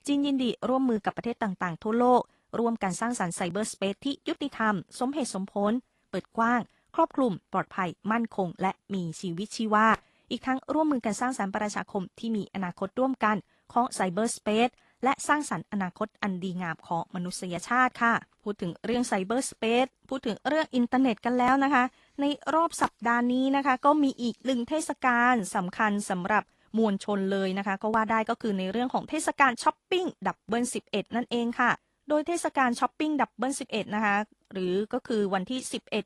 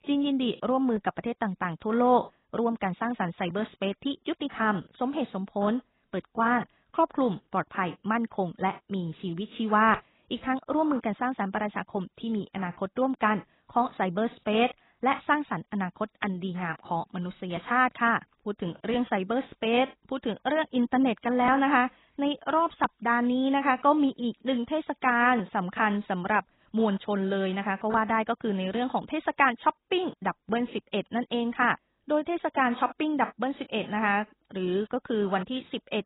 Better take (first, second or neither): first